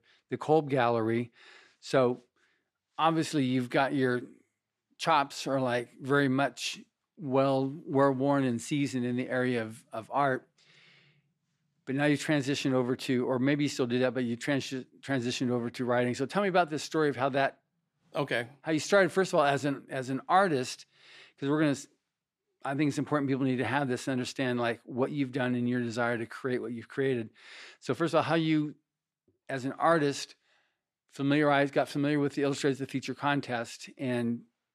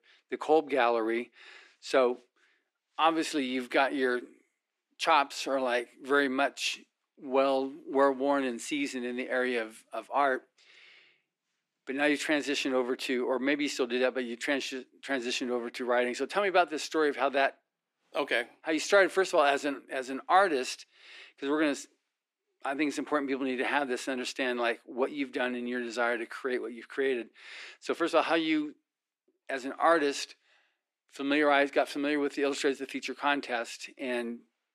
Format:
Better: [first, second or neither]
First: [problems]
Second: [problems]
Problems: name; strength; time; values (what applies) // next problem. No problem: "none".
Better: first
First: none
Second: thin; very slightly; fading below 300 Hz